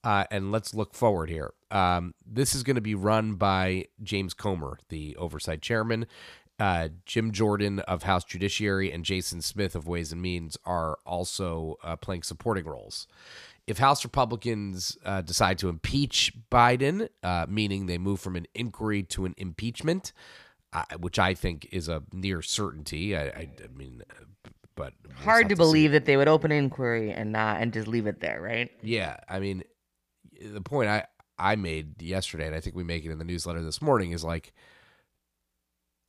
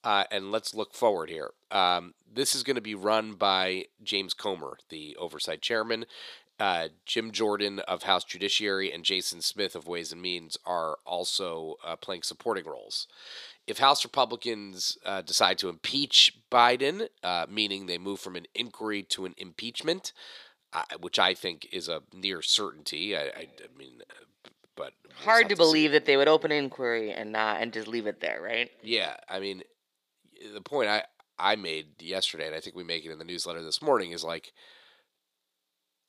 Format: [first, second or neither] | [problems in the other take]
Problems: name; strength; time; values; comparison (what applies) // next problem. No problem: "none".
first | thin; somewhat; fading below 400 Hz